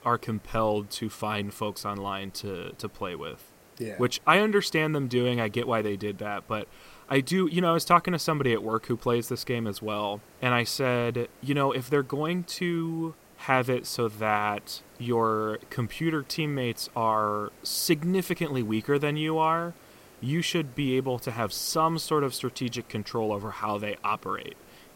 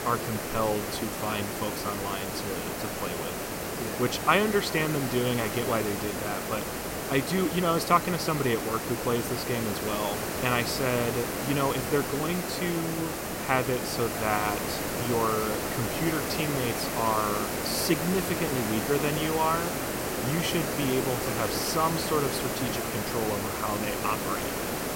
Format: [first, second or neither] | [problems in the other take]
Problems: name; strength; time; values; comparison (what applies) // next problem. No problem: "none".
first | hiss; loud; throughout; 2 dB below the speech; faint in the first